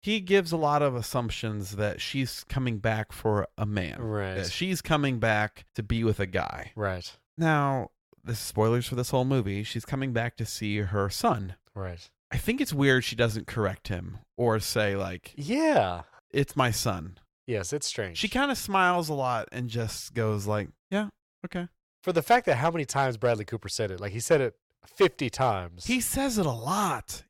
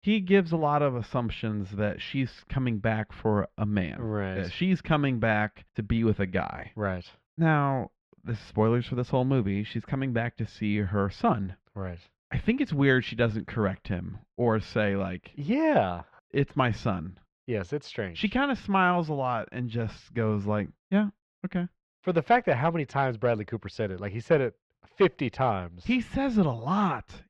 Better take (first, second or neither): first